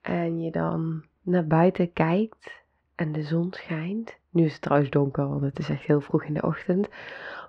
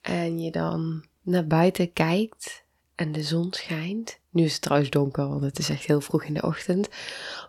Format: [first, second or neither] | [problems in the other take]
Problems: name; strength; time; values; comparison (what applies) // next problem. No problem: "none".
second | muffled; very; fading above 1.5 kHz